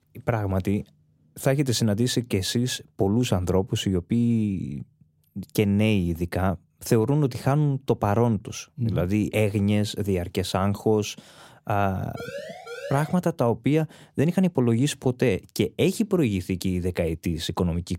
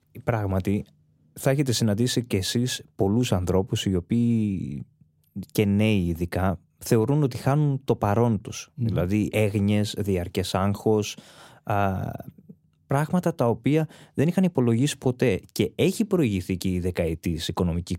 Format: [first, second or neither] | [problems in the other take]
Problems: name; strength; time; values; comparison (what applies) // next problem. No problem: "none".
second | siren; faint; at 12 s; peak 10 dB below the speech